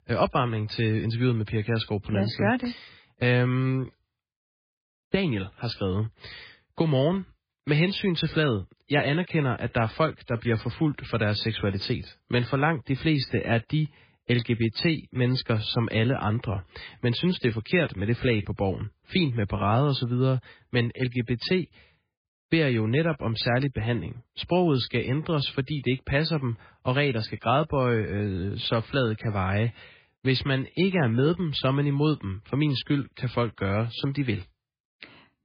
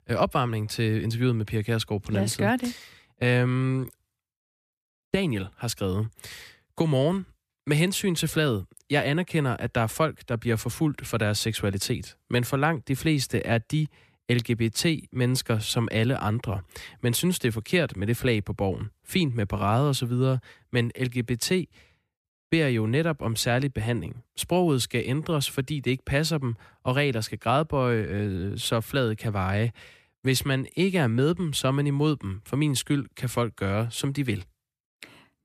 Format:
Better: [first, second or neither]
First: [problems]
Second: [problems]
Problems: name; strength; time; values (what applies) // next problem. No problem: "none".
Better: second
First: garbled, watery; badly; nothing above 4.5 kHz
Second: none